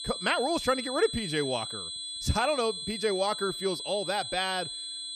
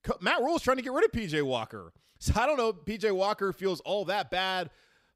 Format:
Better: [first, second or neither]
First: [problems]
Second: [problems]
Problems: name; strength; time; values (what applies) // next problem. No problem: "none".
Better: second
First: high-pitched whine; loud; throughout; 4 kHz, 5 dB below the speech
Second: none